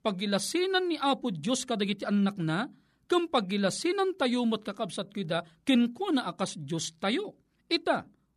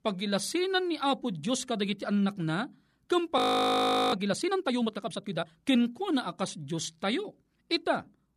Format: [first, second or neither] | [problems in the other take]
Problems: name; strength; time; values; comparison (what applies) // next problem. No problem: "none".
first | audio freezing; at 3.5 s for 1 s